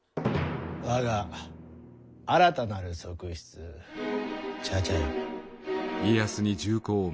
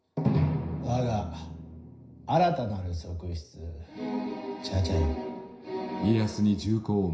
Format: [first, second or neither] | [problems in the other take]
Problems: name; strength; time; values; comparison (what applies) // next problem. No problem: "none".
first | room echo; dies away in 0.5 s